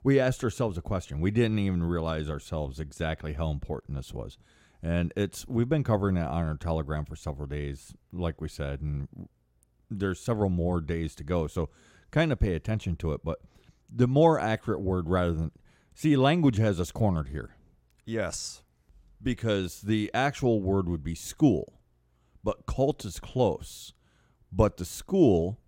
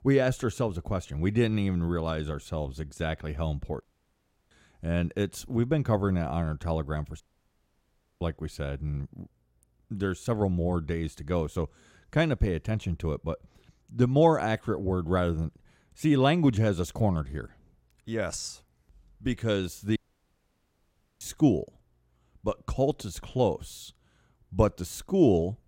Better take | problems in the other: first | audio cutting out; at 4 s for 0.5 s, at 7 s for 1 s and at 20 s for 1.5 s

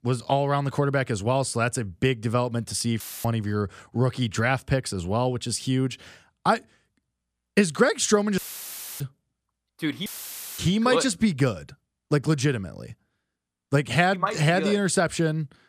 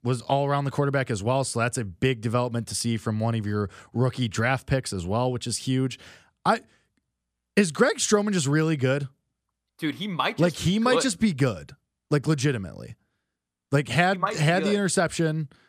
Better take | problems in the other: second | audio cutting out; filled with static; at 3 s, at 8.5 s for 0.5 s and at 10 s for 0.5 s

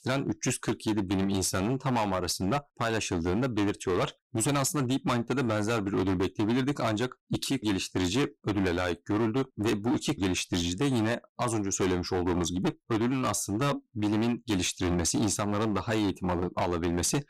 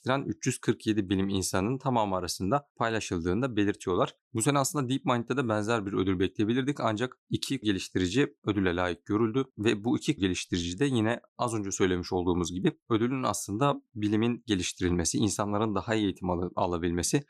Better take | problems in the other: second | distortion; heavy; 16% of the sound clipped

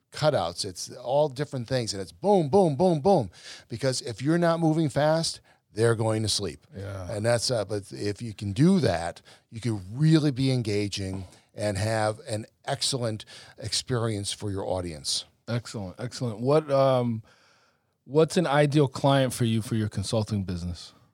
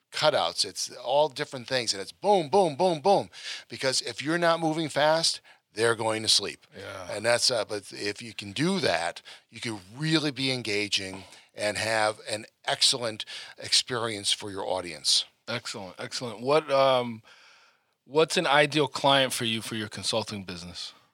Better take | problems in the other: first | thin; somewhat; fading below 550 Hz

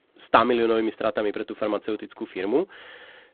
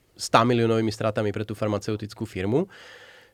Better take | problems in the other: second | phone-call audio; poor line

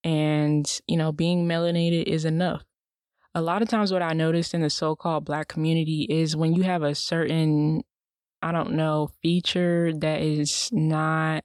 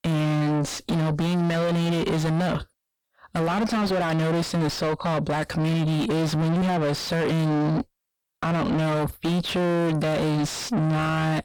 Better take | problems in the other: first | distortion; heavy; 6 dB below the speech

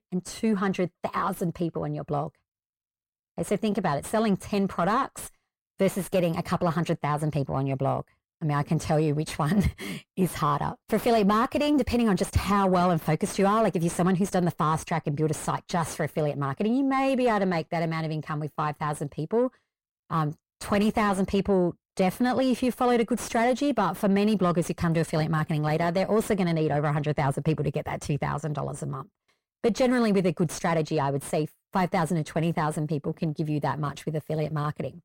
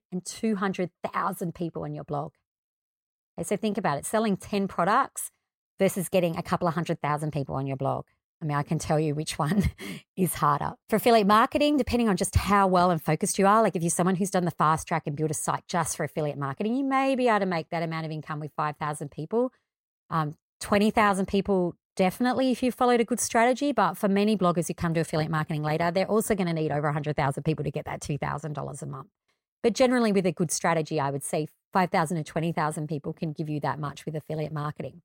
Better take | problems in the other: second | distortion; slight; 10 dB below the speech

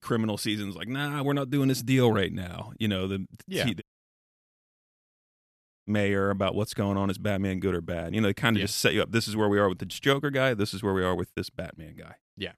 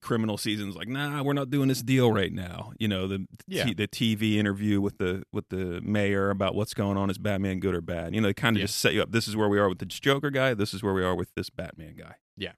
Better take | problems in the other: second | audio cutting out; at 4 s for 2 s

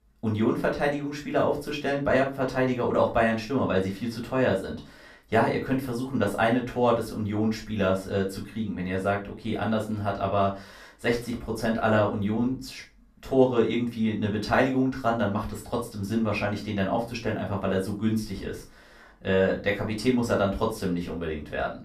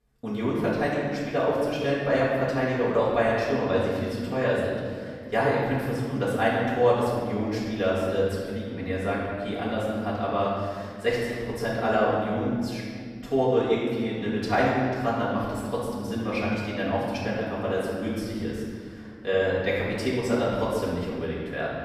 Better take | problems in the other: first | room echo; strong; dies away in 1.9 s; slight in the first // off-mic speech; far; far in the first

